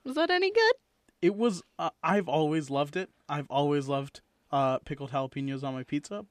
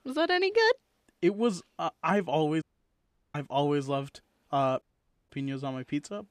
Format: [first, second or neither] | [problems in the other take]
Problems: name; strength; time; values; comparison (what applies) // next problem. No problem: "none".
first | audio cutting out; at 2.5 s for 0.5 s and at 5 s